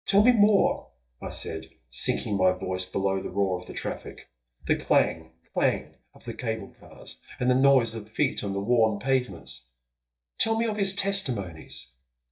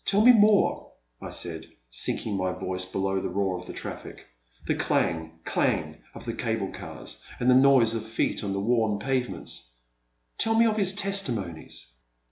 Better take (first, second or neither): second